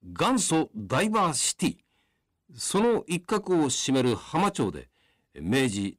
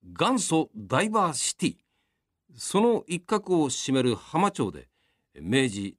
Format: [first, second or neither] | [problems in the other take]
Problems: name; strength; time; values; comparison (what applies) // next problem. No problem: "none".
second | distortion; slight; 10 dB below the speech